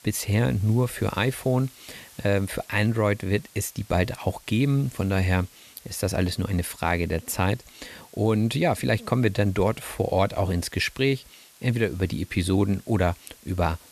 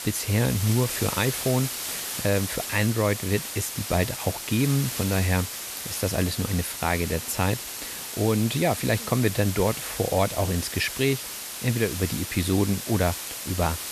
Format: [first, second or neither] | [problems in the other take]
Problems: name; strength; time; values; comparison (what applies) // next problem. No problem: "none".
first | hiss; loud; throughout; 5 dB below the speech; faint in the first